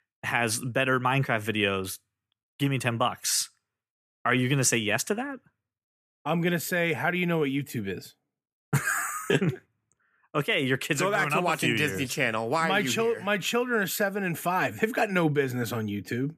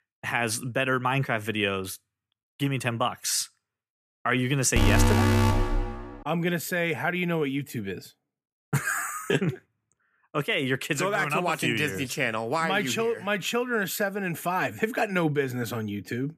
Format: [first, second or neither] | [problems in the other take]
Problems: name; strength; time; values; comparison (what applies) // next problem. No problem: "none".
first | alarm; loud; from 5 to 6 s; peak 5 dB above the speech